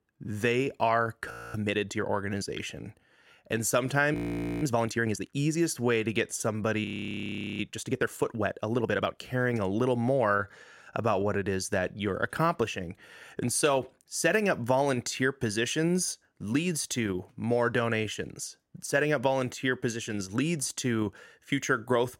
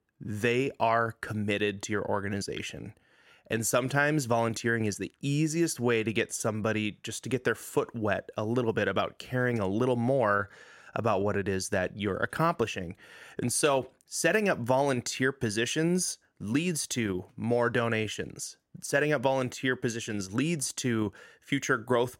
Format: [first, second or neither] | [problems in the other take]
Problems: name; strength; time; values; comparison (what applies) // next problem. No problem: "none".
second | audio freezing; at 1.5 s, at 4 s and at 7 s for 1 s